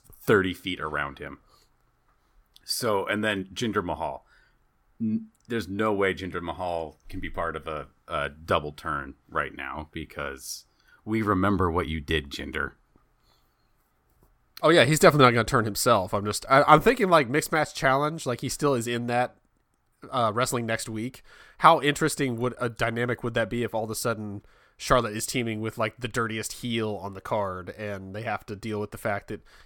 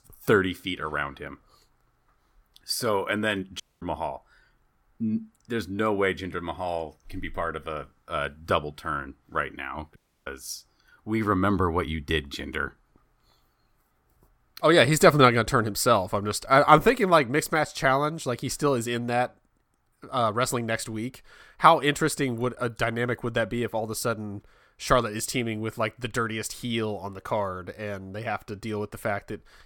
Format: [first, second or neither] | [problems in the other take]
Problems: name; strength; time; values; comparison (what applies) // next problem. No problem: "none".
first | audio cutting out; at 3.5 s and at 10 s